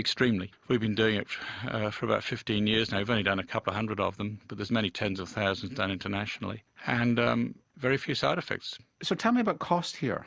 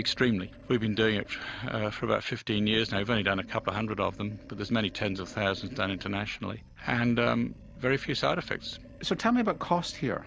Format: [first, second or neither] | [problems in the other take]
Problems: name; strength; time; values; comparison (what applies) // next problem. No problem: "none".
first | background sound (Animal); 19 dB below the speech